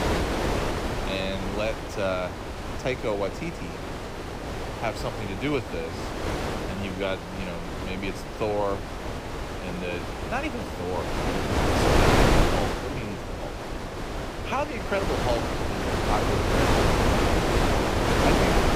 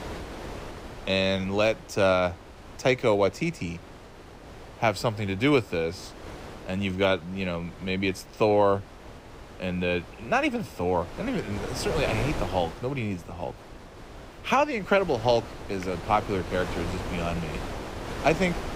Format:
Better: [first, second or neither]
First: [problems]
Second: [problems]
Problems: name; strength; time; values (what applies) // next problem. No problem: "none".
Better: second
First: wind noise on the microphone; heavy; 3 dB above the speech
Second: wind noise on the microphone; occasional gusts; 15 dB below the speech